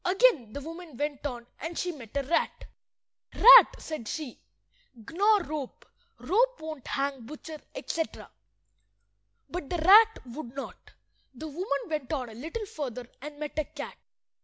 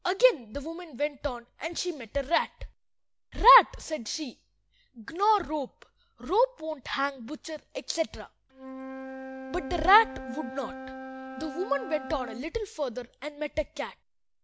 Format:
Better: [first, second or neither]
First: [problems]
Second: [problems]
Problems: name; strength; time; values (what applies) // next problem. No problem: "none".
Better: first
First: none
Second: background sound (Wind instrument, woodwind instrument); 16 dB below the speech